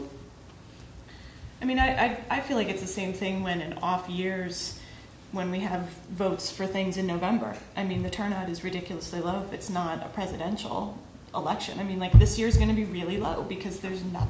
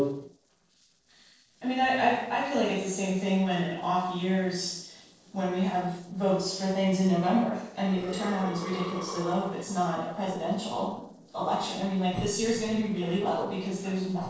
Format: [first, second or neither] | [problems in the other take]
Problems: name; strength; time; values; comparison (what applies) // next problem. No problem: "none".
first | noise reduction (neural separator model SepFormer DNS4)